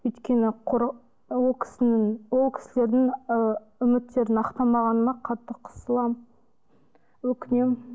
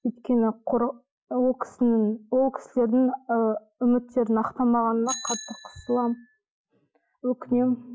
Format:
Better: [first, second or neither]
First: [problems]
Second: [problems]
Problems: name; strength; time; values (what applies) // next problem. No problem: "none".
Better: first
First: none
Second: noise reduction (classical method Wiener filter)